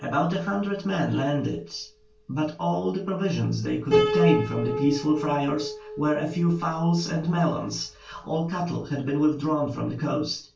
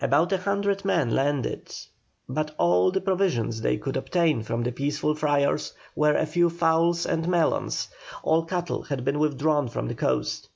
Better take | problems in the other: second | background sound (Piano); 6 dB below the speech // room echo; dies away in 0.2 s

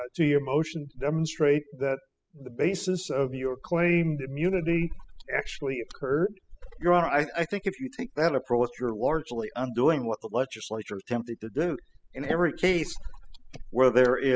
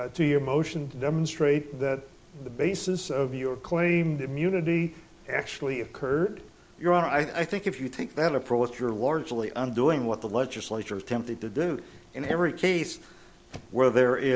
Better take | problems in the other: second | noise reduction (classical method spectral subtraction)

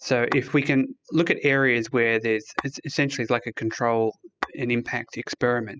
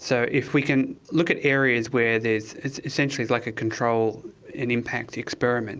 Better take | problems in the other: second | noise reduction (classical method spectral subtraction)

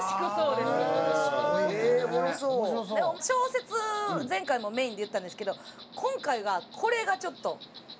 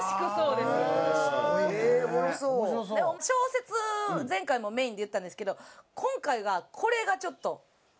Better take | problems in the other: second | background sound (Insect); 19 dB below the speech

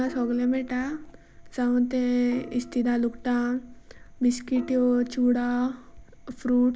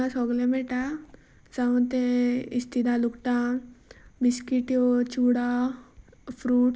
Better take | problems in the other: second | background sound (Gong); 19 dB below the speech

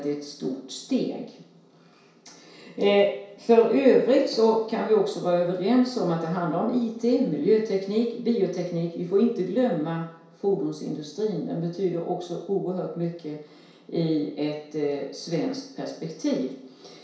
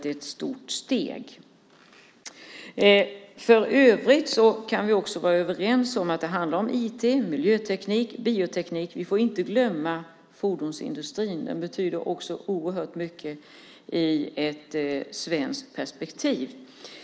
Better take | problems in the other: second | room echo; dies away in 0.6 s

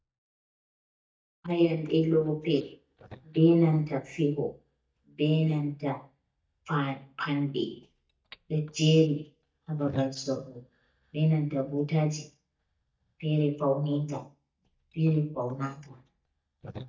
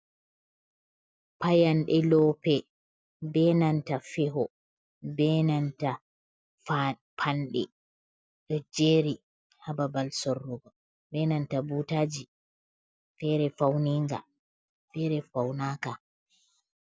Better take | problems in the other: second | noise reduction (neural mask model DeepFilterNet 3)

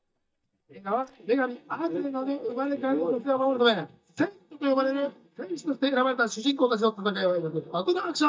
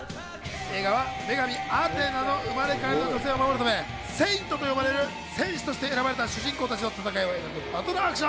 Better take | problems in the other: second | noise reduction (neural mask model DeepFilterNet 3)

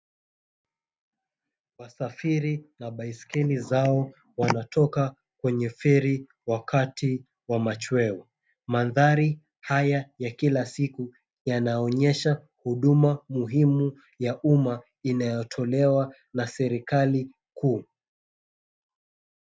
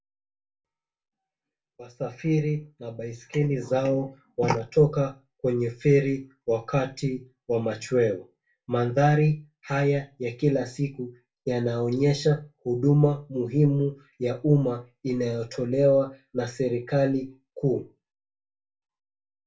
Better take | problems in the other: first | room echo; dies away in 0.2 s

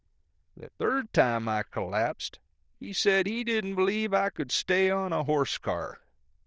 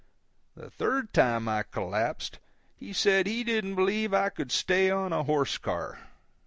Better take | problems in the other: second | noise reduction (neural diffusion model UNIVERSE++)

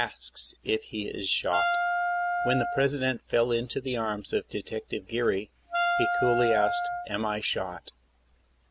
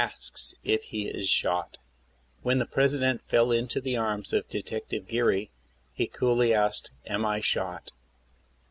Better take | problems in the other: second | background sound (Wind instrument, woodwind instrument); 1 dB above the speech

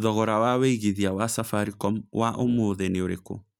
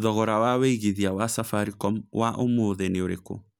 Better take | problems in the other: second | noise reduction (neural mask model RNNoise)

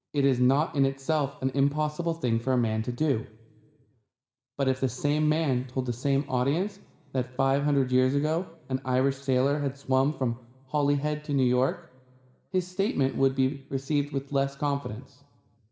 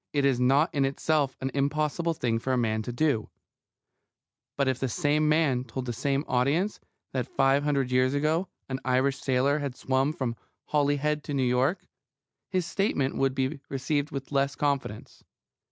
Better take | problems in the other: second | room echo; dies away in 1.3 s

